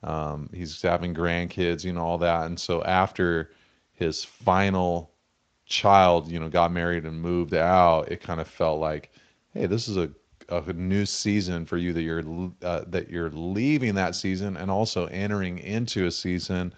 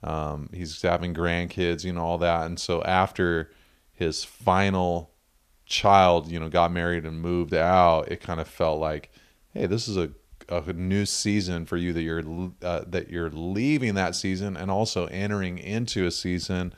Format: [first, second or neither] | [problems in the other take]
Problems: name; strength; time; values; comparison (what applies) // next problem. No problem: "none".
second | garbled, watery; slightly; nothing above 7.5 kHz